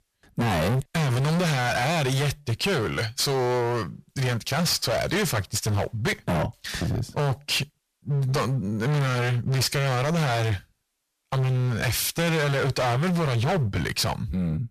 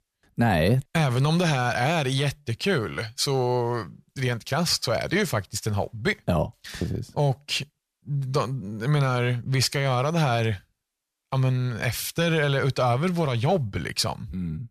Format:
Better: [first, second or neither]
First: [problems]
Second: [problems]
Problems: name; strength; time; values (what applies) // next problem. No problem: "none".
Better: second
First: distortion; heavy; 30% of the sound clipped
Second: none